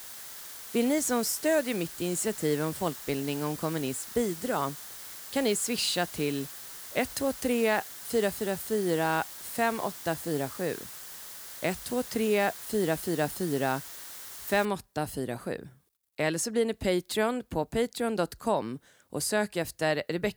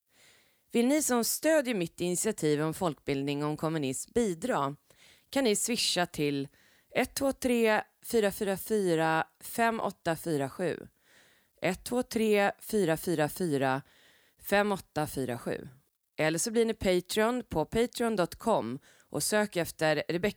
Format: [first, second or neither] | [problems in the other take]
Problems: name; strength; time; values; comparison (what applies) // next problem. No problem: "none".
second | hiss; noticeable; until 15 s; 10 dB below the speech